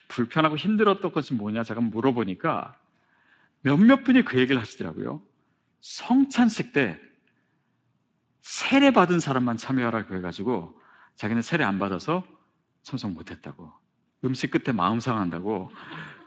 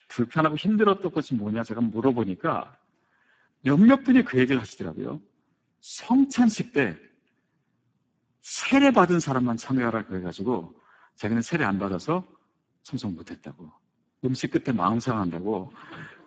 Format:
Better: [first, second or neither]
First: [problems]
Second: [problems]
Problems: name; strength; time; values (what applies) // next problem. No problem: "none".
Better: first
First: garbled, watery; slightly; nothing above 7.5 kHz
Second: garbled, watery; badly; nothing above 7.5 kHz